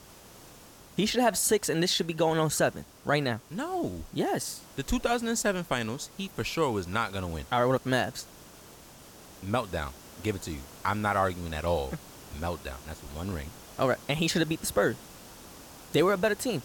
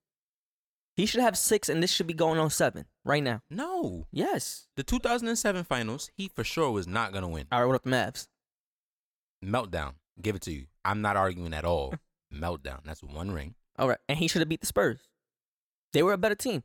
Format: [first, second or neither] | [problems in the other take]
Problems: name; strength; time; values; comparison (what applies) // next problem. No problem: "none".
second | hiss; noticeable; throughout; 20 dB below the speech